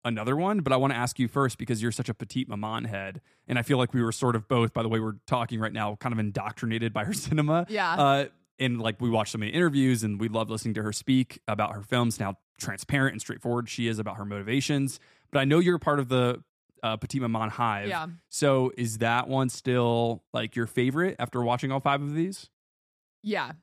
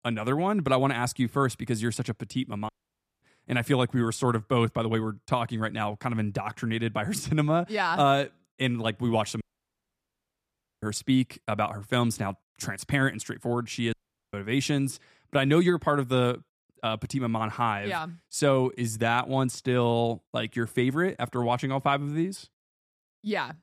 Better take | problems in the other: first | audio cutting out; at 2.5 s for 0.5 s, at 9.5 s for 1.5 s and at 14 s

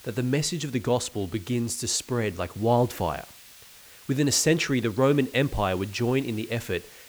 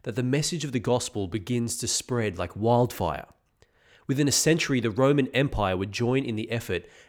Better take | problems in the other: second | hiss; faint; throughout; 20 dB below the speech

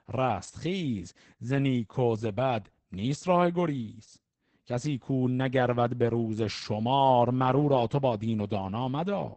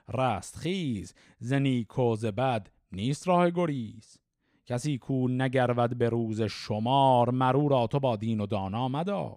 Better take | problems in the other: second | garbled, watery; badly; nothing above 8 kHz

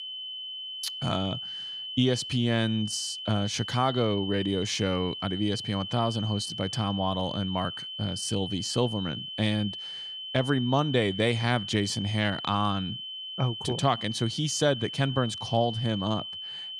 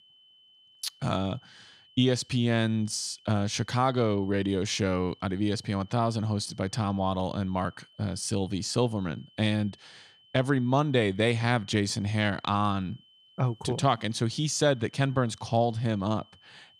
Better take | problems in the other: second | high-pitched whine; loud; throughout; 3 kHz, 7 dB below the speech; faint in the second

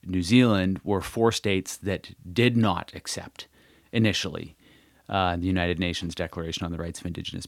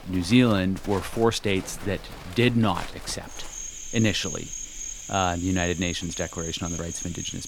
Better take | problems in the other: first | animal sounds; noticeable; throughout; 10 dB below the speech

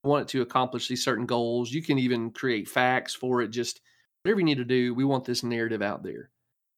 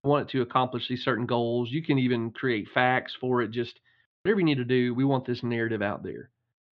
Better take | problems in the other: first | muffled; slightly; fading above 3.5 kHz

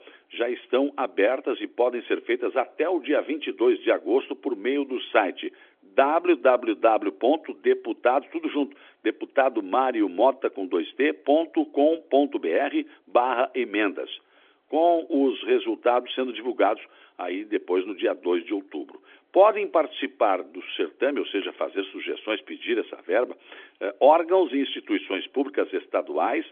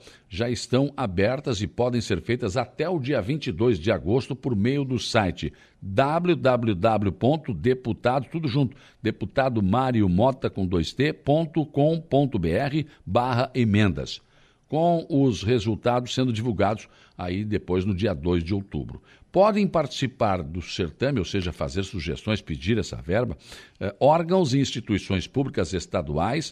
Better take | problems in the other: second | phone-call audio; nothing above 3.5 kHz

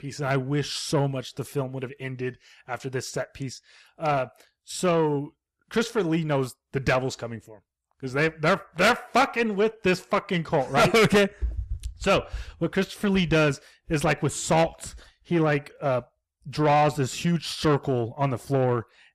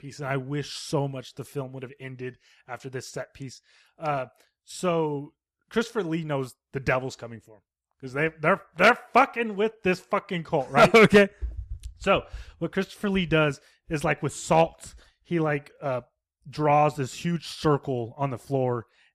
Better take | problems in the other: second | distortion; heavy; 8 dB below the speech

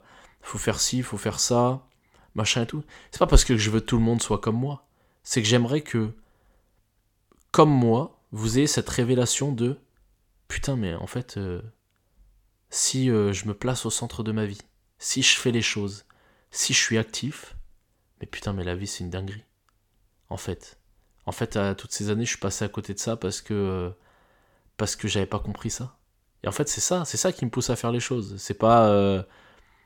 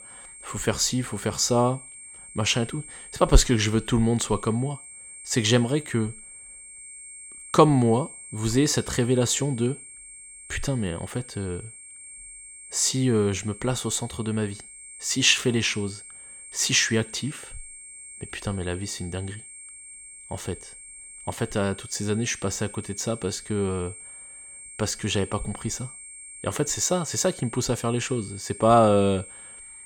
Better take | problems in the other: first | high-pitched whine; noticeable; throughout; 8.5 kHz, 15 dB below the speech

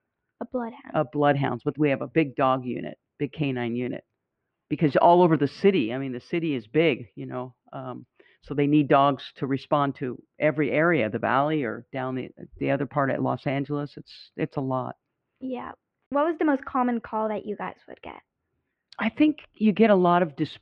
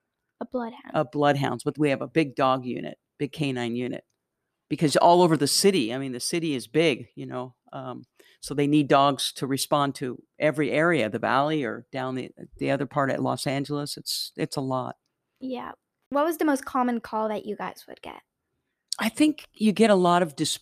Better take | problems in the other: second | muffled; very; fading above 2.5 kHz

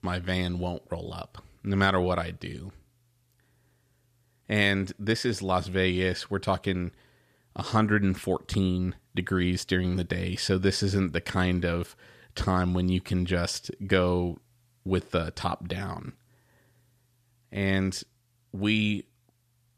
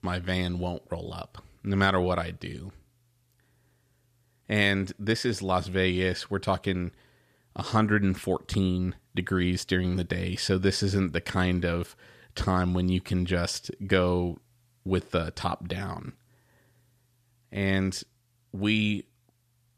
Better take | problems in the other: neither | none

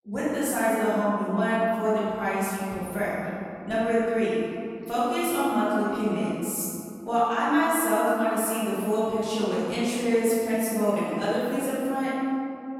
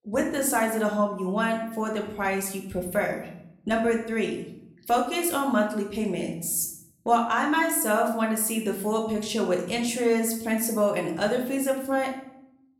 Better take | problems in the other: second | room echo; strong; dies away in 2.6 s; slight in the second // off-mic speech; far; somewhat distant in the second

